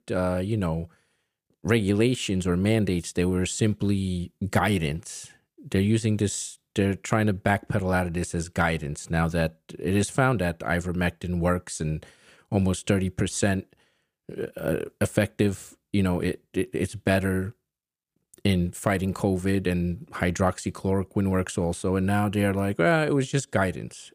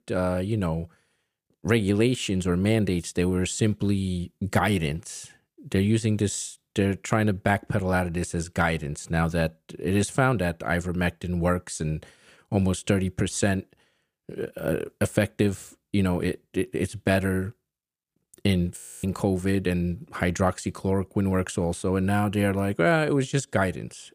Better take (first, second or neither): first